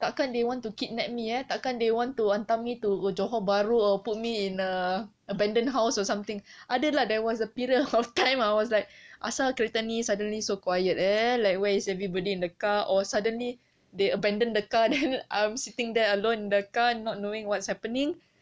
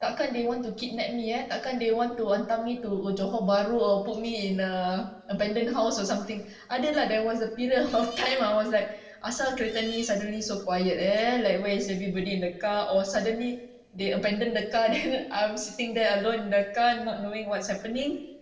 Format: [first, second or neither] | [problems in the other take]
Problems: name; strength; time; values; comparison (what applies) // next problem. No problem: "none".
first | noise reduction (neural separator model SepFormer DNS4)